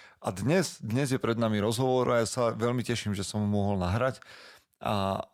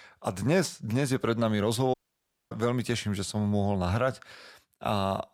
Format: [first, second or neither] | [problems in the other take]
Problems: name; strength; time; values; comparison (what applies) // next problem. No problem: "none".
first | audio cutting out; at 2 s for 0.5 s